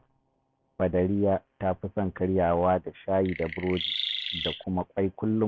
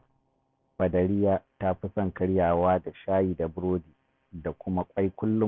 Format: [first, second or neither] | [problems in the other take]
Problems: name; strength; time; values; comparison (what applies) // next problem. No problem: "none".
second | background sound (Chirp, tweet); 6 dB below the speech